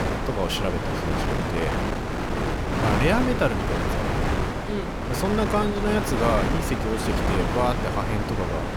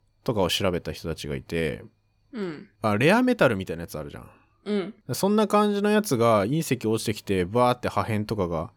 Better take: second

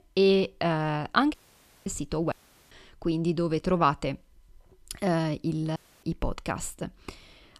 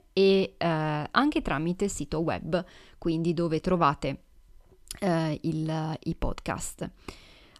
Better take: second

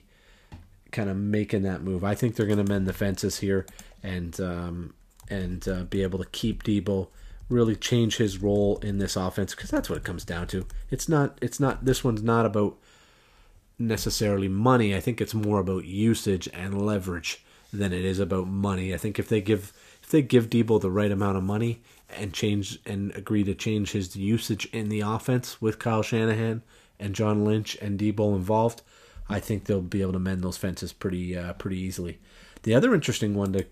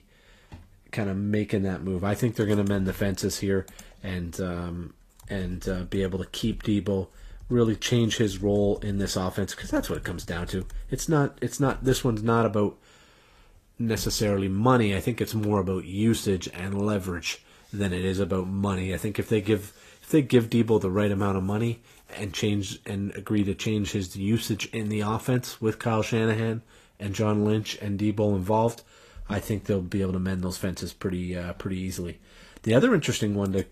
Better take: first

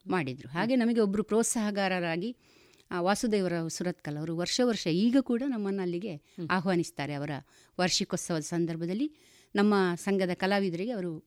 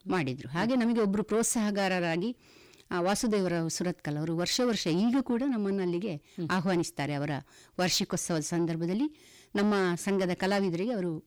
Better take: first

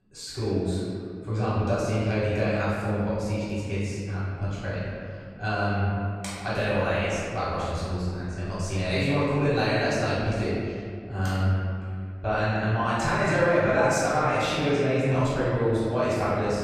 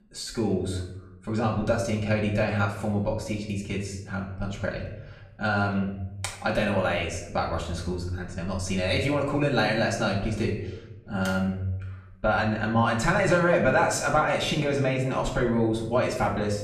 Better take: second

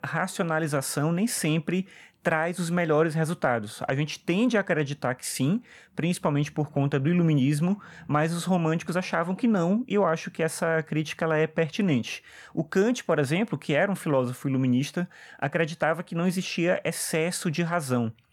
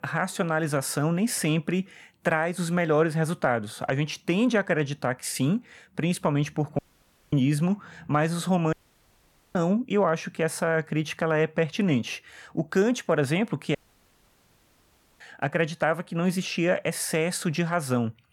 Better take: first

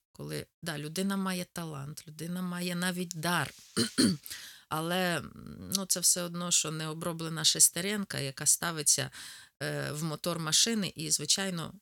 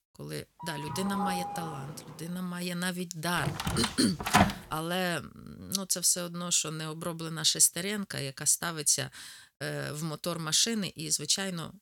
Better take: first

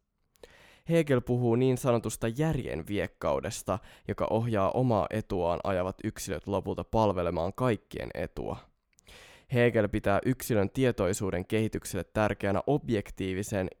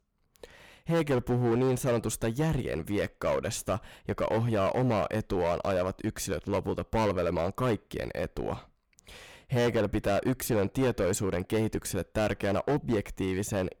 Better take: first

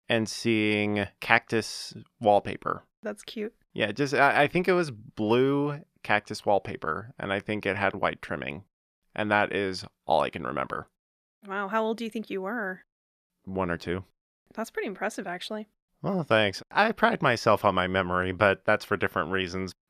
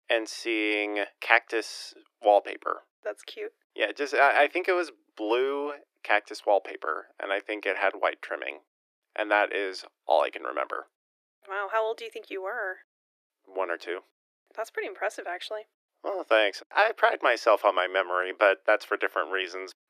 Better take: first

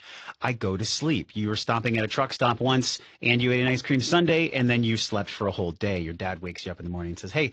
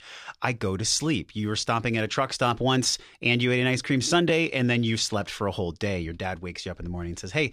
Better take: second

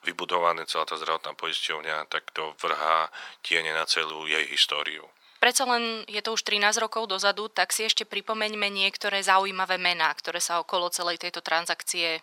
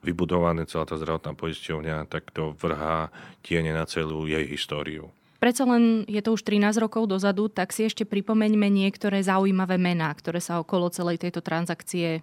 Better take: second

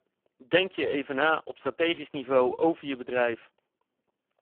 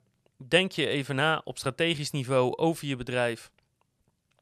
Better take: second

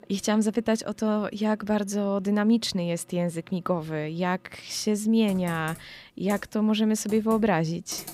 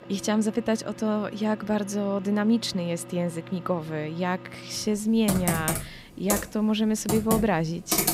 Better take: first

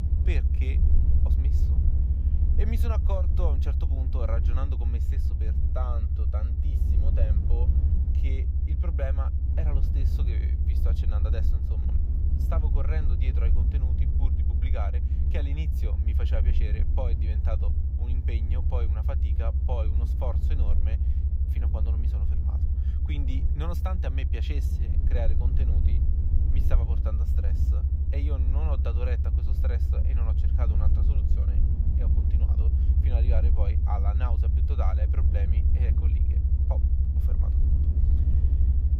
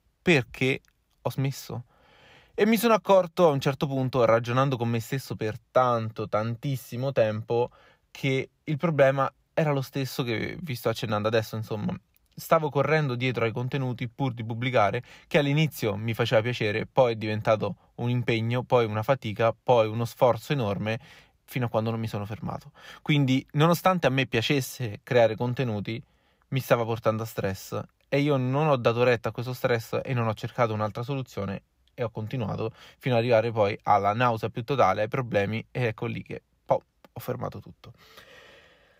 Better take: second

